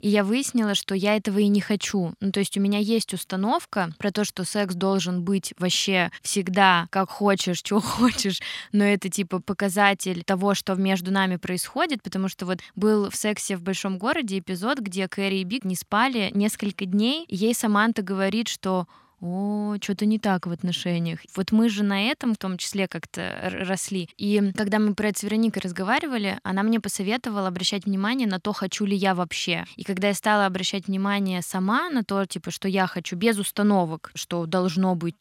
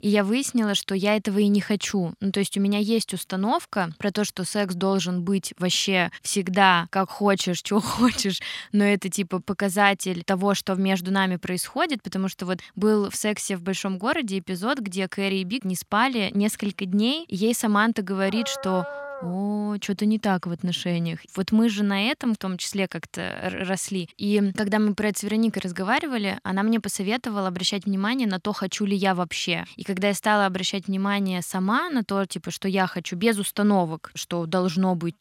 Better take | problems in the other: first | dog barking; noticeable; from 18 to 19 s; peak 10 dB below the speech

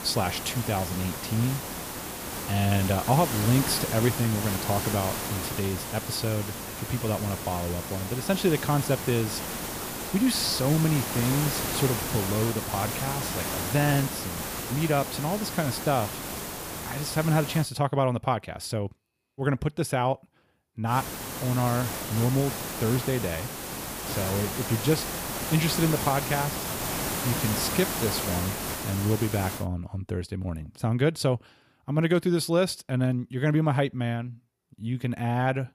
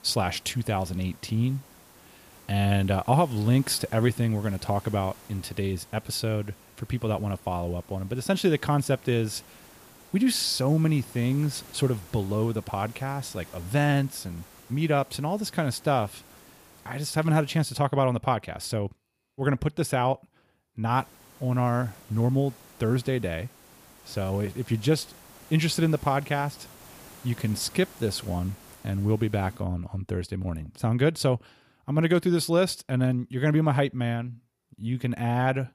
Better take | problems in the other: second | hiss; loud; until 18 s and from 21 to 30 s; 4 dB below the speech; faint in the second

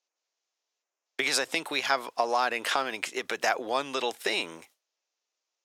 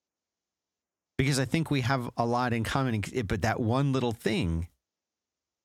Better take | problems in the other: second | thin; very; fading below 450 Hz

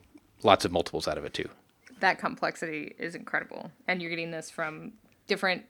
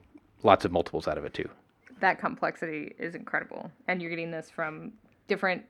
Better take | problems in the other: first | muffled; slightly; fading above 3.5 kHz

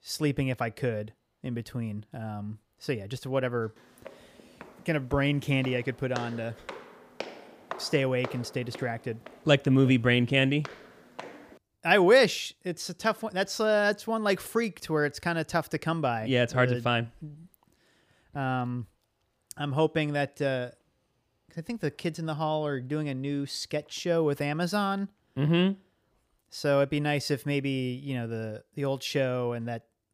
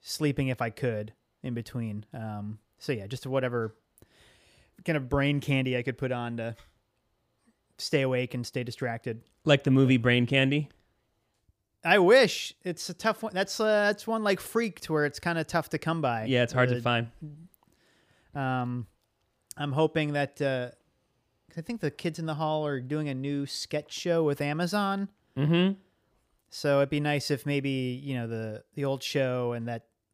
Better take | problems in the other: second | footsteps; faint; from 4 to 11 s; peak 10 dB below the speech

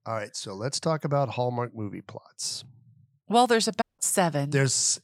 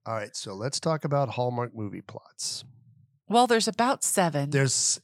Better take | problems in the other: second | audio cutting out; at 4 s

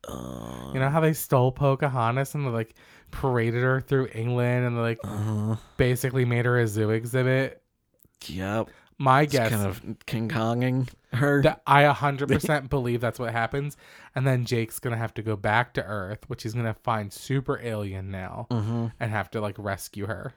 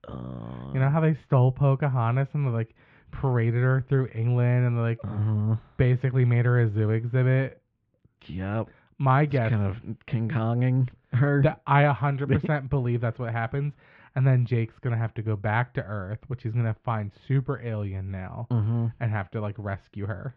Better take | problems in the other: first | muffled; very; fading above 3 kHz

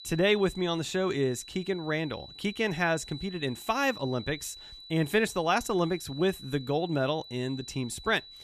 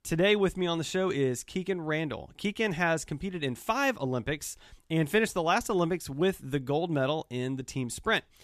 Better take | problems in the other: second | high-pitched whine; noticeable; throughout; 4 kHz, 15 dB below the speech

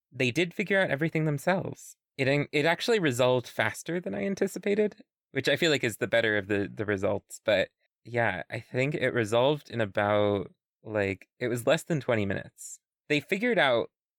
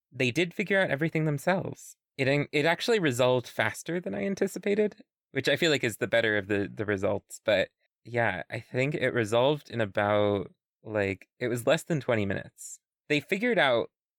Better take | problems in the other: neither | none

